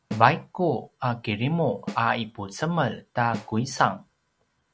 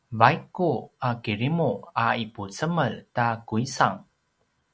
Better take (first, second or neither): second